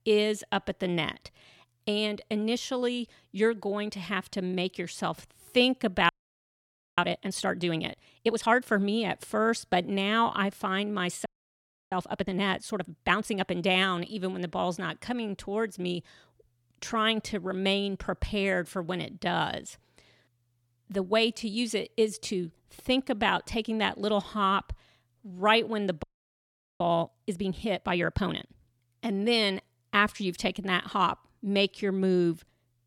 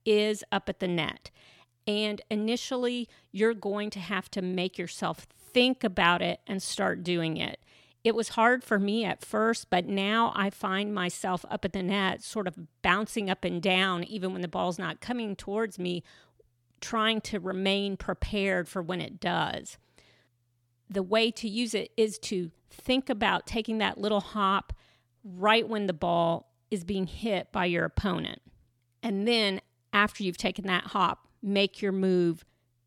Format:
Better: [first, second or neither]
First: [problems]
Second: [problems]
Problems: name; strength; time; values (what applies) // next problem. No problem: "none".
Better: second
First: audio freezing; at 6 s for 1 s, at 11 s for 0.5 s and at 26 s for 1 s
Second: none